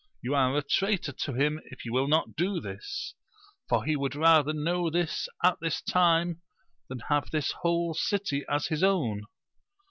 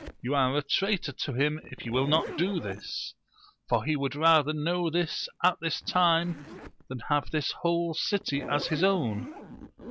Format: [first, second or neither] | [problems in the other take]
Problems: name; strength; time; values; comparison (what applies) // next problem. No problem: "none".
first | background sound (Zipper (clothing)); 15 dB below the speech